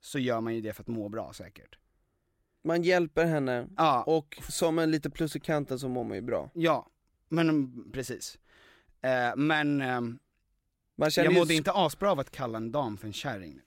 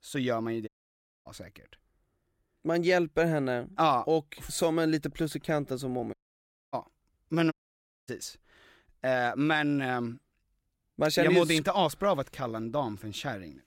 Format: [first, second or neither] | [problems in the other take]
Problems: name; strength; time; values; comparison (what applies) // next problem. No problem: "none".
first | audio cutting out; at 0.5 s for 0.5 s, at 6 s for 0.5 s and at 7.5 s for 0.5 s